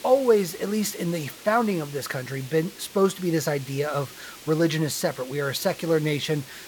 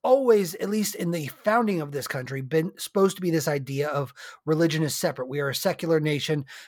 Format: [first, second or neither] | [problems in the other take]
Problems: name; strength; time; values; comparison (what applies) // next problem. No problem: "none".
second | hiss; noticeable; throughout; 15 dB below the speech